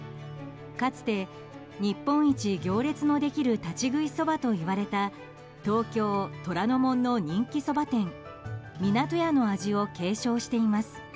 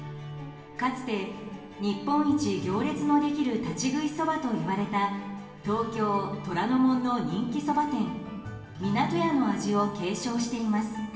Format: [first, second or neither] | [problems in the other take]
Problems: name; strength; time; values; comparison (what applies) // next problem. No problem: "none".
first | room echo; dies away in 1.2 s